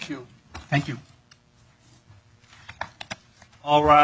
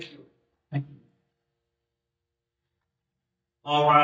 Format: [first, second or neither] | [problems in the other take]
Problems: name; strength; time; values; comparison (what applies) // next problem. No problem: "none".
first | noise reduction (neural mask model DeepFilterNet 3)